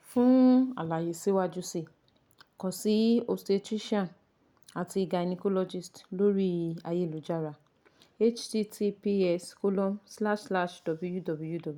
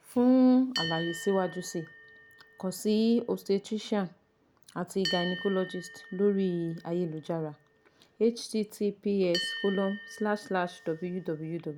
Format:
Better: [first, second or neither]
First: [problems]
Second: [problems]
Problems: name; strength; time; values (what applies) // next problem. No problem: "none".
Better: first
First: none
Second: background sound (Bell); 13 dB below the speech